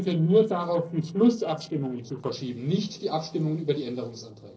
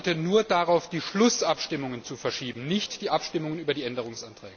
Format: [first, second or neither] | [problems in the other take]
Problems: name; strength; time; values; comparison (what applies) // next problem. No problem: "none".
second | noise reduction (neural separator model SepFormer DNS4)